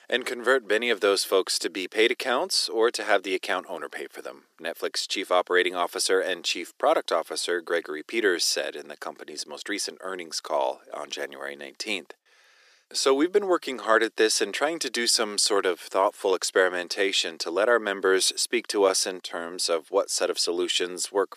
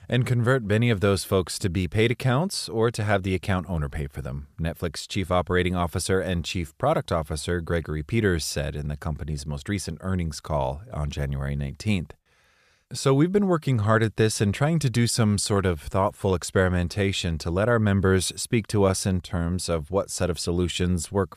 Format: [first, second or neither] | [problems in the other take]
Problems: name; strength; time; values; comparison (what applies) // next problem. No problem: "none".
second | thin; very; fading below 300 Hz